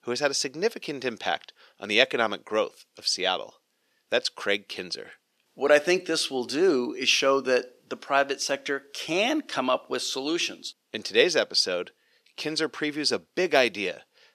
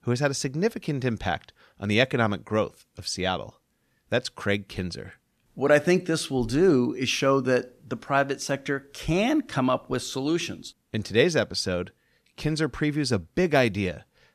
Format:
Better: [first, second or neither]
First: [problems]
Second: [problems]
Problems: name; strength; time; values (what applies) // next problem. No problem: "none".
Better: second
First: thin; somewhat; fading below 400 Hz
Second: none